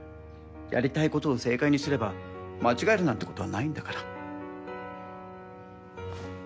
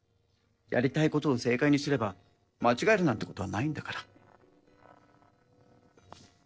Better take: first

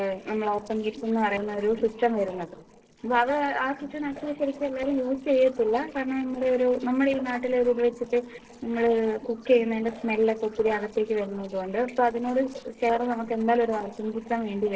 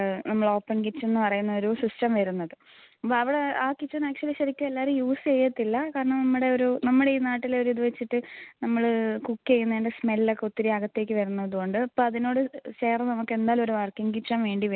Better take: second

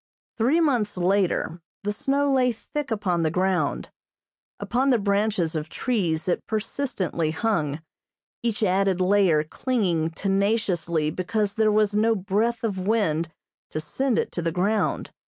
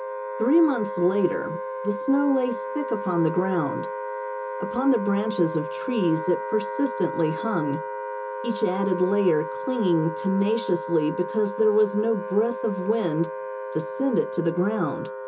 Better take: first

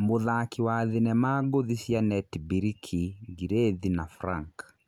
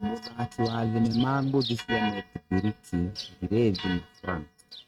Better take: first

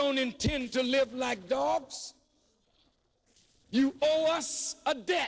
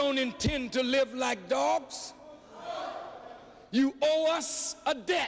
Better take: second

